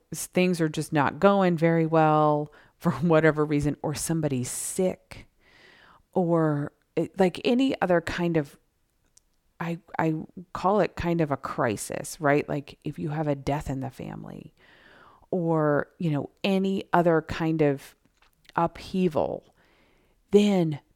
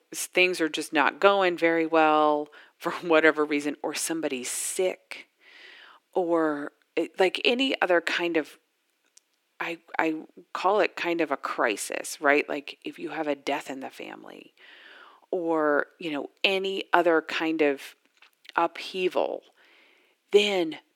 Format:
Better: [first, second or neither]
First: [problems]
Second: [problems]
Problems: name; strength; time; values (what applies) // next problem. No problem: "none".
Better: first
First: none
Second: thin; somewhat; fading below 300 Hz